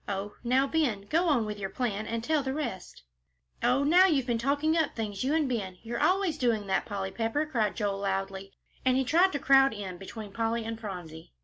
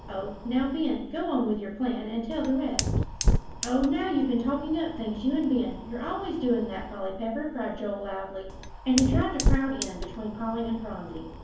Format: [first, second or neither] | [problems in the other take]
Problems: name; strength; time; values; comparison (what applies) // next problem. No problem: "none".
first | background sound (Fire); 3 dB below the speech // room echo; dies away in 0.7 s